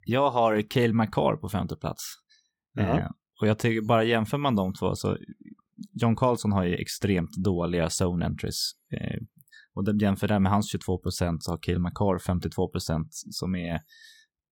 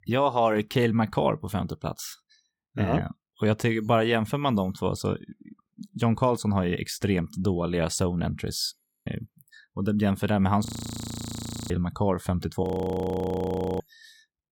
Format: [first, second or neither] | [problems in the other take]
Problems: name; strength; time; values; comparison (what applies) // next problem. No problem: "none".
first | audio freezing; at 9 s, at 11 s for 1 s and at 13 s for 1 s